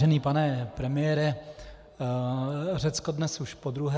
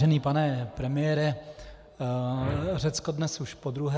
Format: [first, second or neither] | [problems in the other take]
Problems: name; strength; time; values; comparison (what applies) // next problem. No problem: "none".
first | background sound (Whoosh, swoosh, swish); 12 dB below the speech